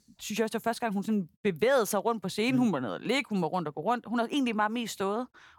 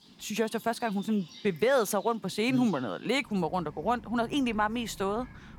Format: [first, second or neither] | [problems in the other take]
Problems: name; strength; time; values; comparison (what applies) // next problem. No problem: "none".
first | animal sounds; faint; throughout; 20 dB below the speech